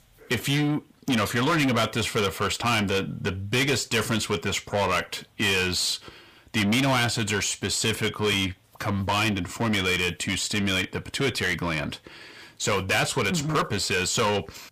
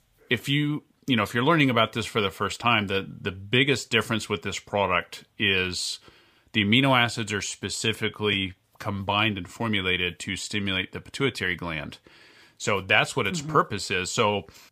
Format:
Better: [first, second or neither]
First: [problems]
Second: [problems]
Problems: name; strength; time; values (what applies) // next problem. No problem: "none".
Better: second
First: distortion; heavy; 5 dB below the speech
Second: none